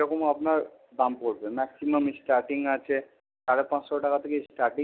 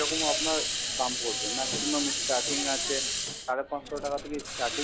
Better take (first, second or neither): first